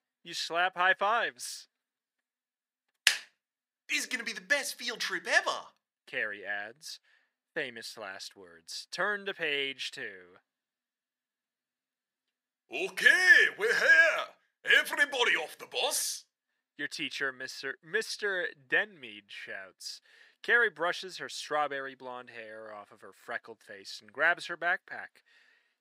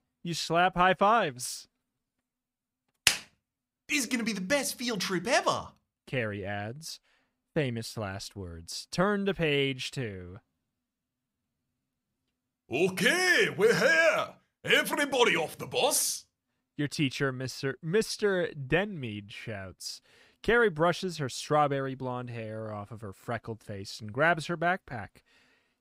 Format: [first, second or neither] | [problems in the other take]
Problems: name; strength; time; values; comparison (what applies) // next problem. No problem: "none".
second | thin; very; fading below 400 Hz